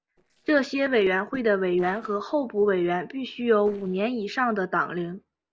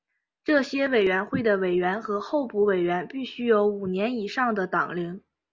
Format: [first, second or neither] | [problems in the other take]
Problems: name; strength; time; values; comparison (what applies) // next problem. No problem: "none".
second | noise reduction (neural separator model SepFormer DNS4)